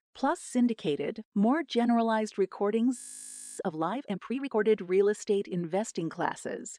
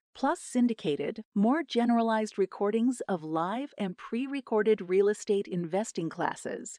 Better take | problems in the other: second | audio freezing; at 3 s for 0.5 s

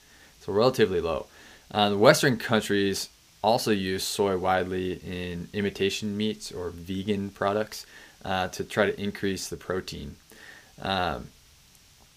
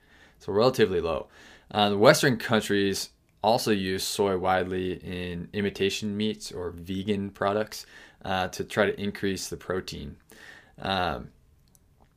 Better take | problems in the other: second | hiss; faint; throughout; 30 dB below the speech

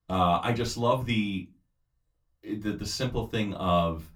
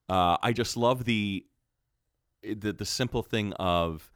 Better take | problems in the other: second | off-mic speech; far // room echo; very slight; dies away in 0.2 s

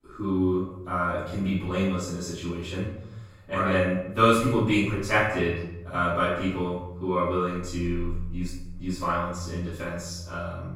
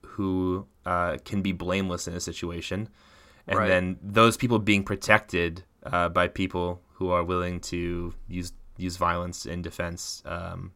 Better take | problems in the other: second | off-mic speech; far // room echo; noticeable; dies away in 0.8 s

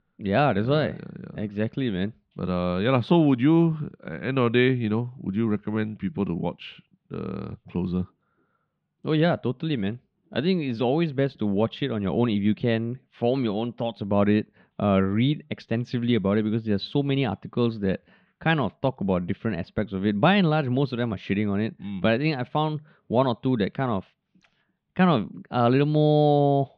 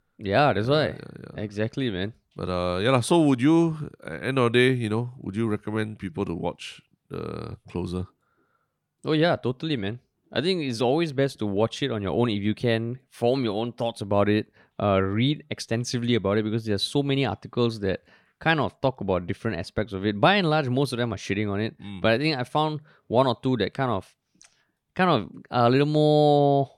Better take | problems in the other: second | muffled; slightly; fading above 3.5 kHz

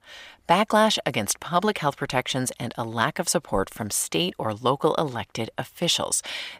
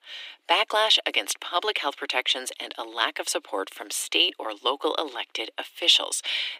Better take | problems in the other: first | thin; very; fading below 300 Hz

